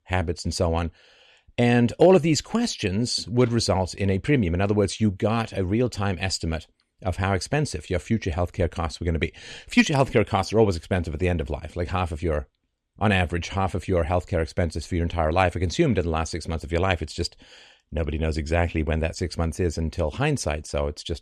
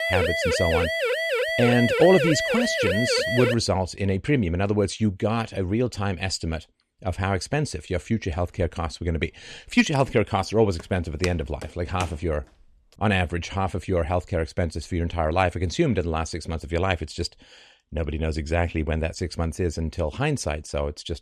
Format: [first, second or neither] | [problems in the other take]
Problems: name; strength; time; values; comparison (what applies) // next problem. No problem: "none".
first | siren; loud; until 3.5 s; peak 2 dB above the speech // footsteps; noticeable; from 11 to 12 s; peak 10 dB below the speech